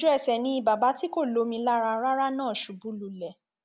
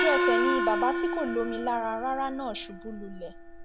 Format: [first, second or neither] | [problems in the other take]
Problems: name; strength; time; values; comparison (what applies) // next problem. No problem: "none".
first | background sound (Gong); 1 dB above the speech